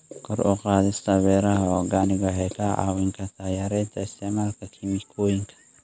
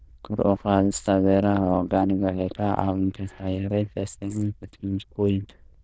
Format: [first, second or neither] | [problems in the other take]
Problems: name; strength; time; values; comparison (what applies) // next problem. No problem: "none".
first | noise reduction (neural diffusion model UNIVERSE++)